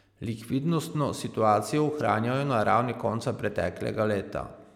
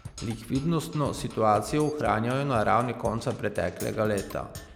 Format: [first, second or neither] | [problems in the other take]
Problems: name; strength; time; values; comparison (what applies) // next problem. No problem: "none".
first | background sound (Percussion); 16 dB below the speech